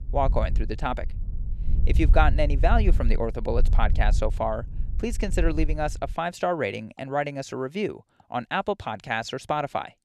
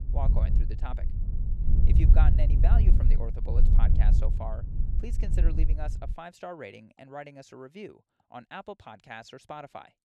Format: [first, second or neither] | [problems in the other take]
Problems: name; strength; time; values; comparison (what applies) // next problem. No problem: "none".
first | wind noise on the microphone; heavy; until 6 s; 3 dB below the speech; occasional gusts in the first